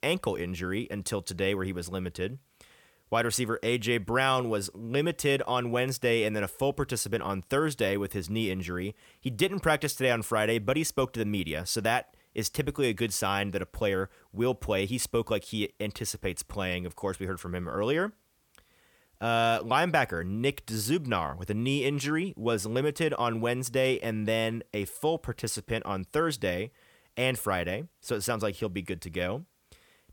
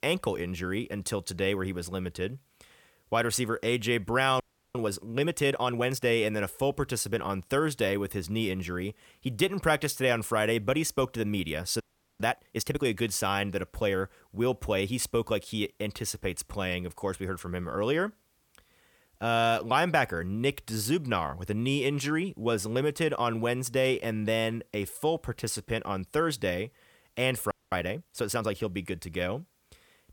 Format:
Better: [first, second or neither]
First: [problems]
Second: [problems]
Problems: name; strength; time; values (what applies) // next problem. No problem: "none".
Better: first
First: none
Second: audio freezing; at 4.5 s, at 12 s and at 28 s